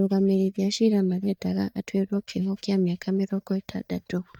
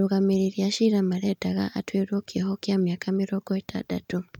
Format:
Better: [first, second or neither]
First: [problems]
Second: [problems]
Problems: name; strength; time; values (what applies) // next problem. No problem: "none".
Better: second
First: noise reduction (neural mask model DeepFilterNet 3)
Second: none